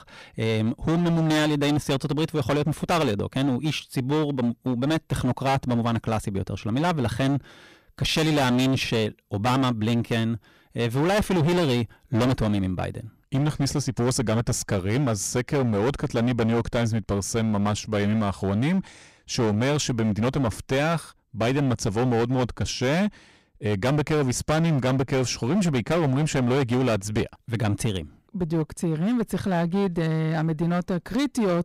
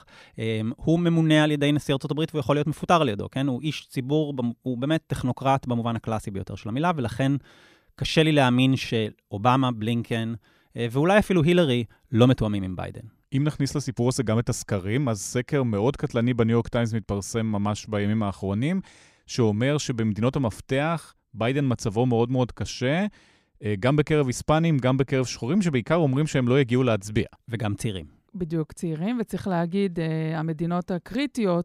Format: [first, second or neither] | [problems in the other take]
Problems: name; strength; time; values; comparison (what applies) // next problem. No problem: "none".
second | distortion; heavy; 19% of the sound clipped